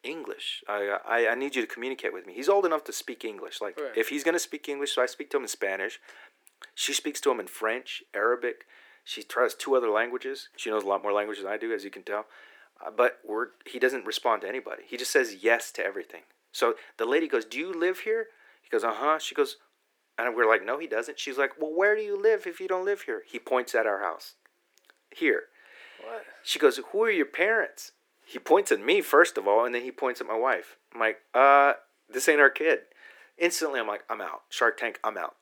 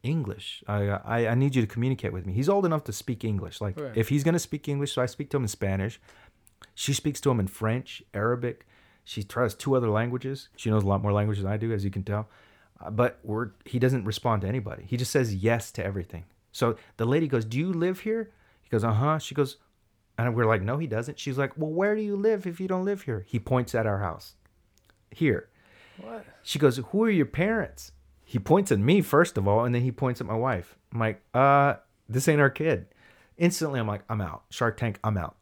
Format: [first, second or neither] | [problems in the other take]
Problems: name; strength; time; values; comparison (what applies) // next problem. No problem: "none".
second | thin; very; fading below 300 Hz